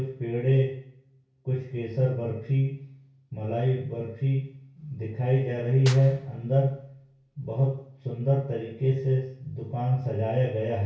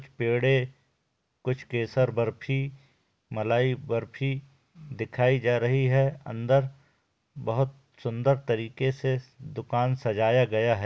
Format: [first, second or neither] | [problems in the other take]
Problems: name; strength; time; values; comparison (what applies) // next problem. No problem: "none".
second | background sound (Clapping / Drum kit); 18 dB below the speech // room echo; dies away in 0.6 s